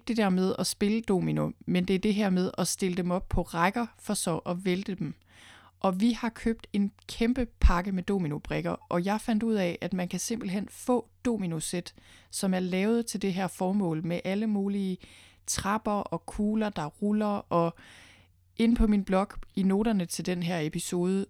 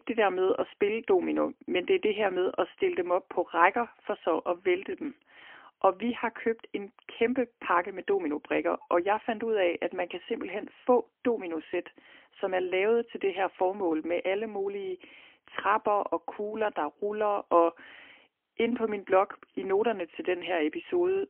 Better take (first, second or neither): first